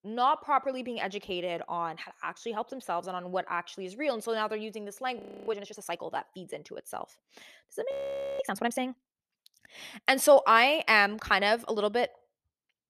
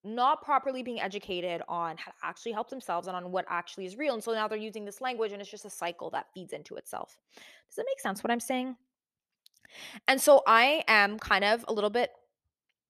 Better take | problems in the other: second | audio freezing; at 5 s and at 8 s

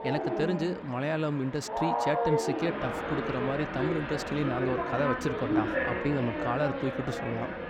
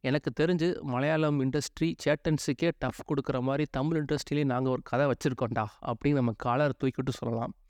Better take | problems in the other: second | animal sounds; very loud; throughout; as loud as the speech

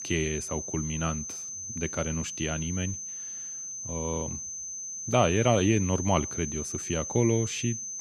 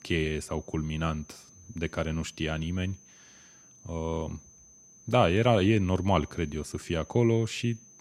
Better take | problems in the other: second | high-pitched whine; loud; throughout; 6 kHz, 5 dB below the speech; faint in the second

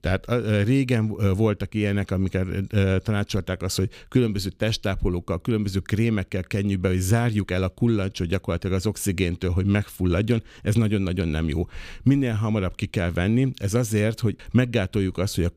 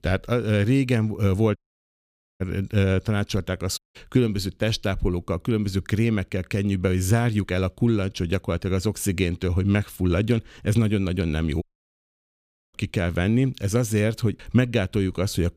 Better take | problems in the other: first | audio cutting out; at 1.5 s for 1 s, at 4 s and at 12 s for 1 s

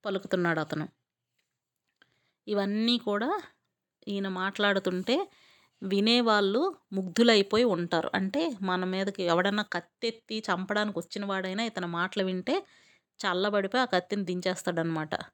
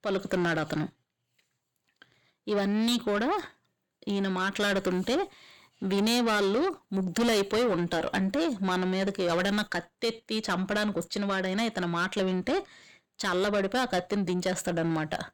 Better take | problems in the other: first | distortion; heavy; 7 dB below the speech

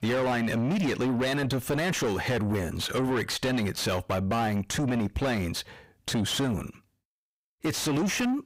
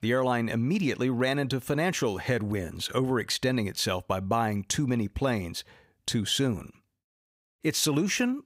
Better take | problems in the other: second | distortion; heavy; 6 dB below the speech

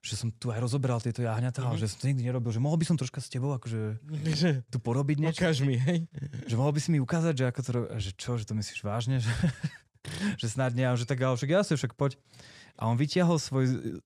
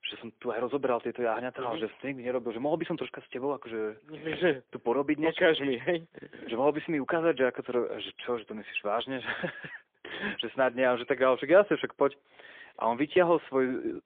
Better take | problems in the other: first | phone-call audio; poor line; nothing above 3.5 kHz

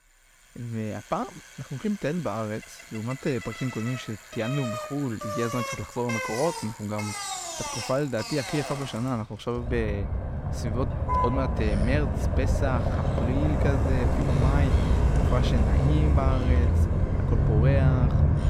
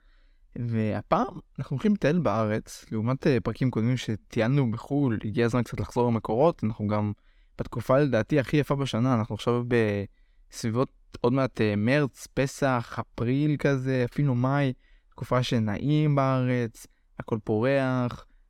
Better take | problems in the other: second | traffic noise; very loud; throughout; 4 dB above the speech

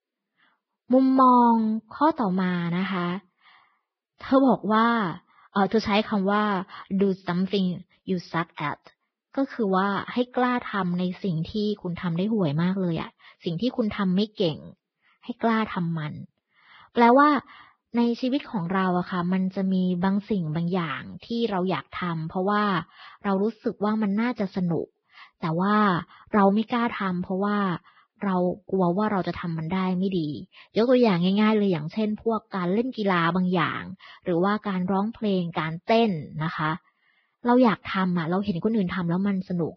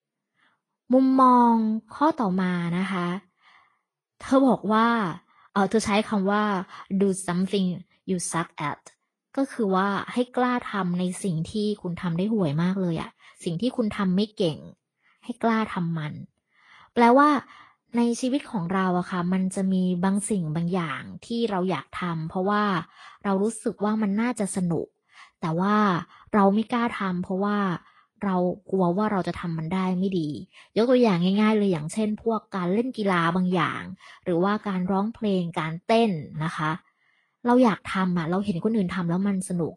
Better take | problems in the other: second | garbled, watery; badly; nothing above 5.5 kHz; slightly in the second

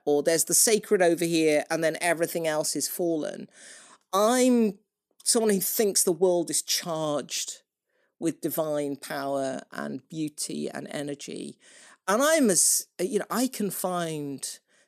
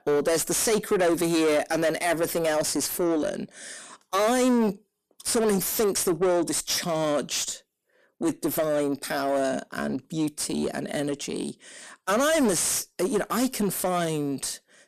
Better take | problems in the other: first | distortion; heavy; 7 dB below the speech

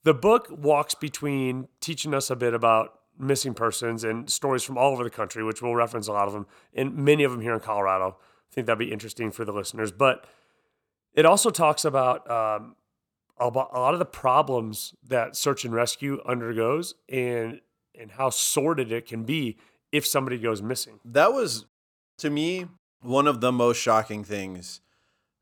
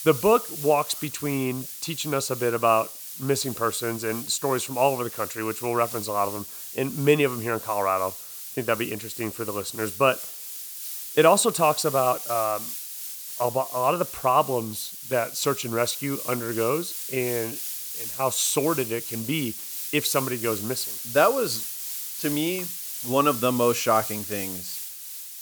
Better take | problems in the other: first | hiss; loud; throughout; 7 dB below the speech

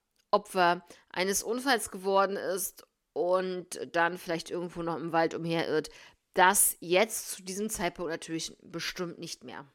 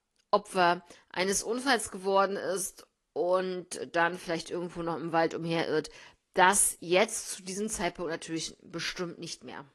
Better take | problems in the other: first | garbled, watery; slightly; nothing above 11 kHz

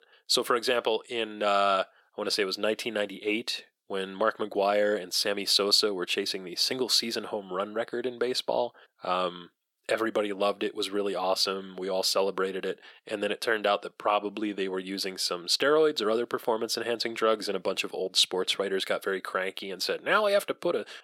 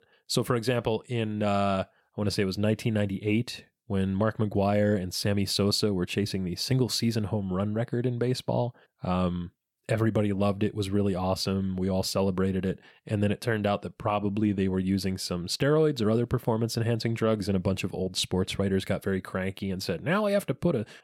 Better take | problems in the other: second | thin; very; fading below 350 Hz

